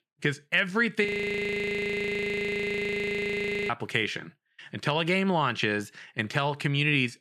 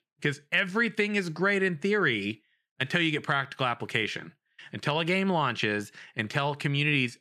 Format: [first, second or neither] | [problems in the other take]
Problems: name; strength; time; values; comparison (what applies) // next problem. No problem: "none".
second | audio freezing; at 1 s for 2.5 s